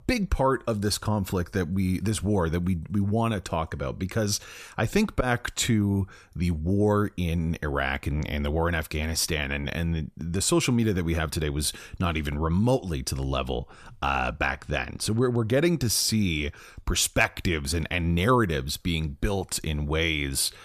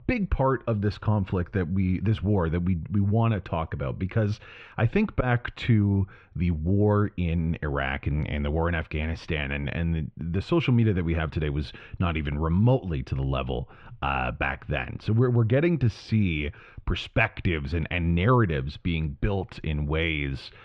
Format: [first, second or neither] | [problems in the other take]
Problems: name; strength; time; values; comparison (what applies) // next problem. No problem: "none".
first | muffled; very; fading above 3 kHz